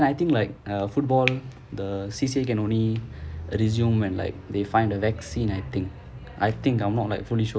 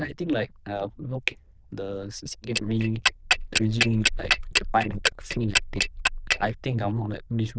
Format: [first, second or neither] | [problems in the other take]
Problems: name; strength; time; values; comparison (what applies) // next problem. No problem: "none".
first | noise reduction (neural diffusion model UNIVERSE++)